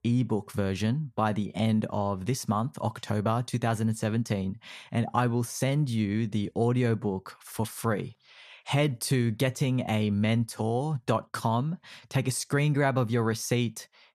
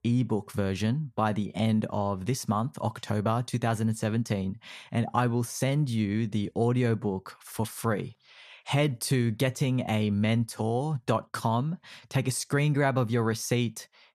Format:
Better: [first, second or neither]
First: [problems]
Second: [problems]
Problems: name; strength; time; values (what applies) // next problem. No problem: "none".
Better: neither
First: none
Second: none